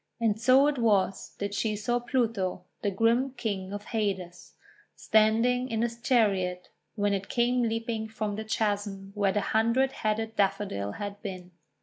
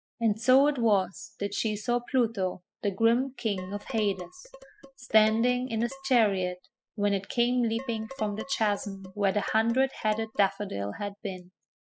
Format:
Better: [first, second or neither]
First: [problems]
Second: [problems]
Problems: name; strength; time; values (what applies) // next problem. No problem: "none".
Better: first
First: none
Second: noise reduction (classical method spectral subtraction)